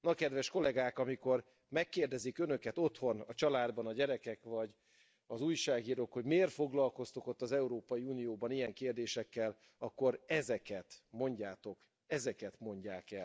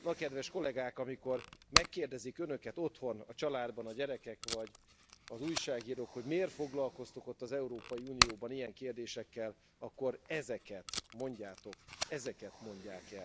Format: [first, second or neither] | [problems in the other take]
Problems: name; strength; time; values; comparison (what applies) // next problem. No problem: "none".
first | background sound (Packing tape, duct tape); 2 dB below the speech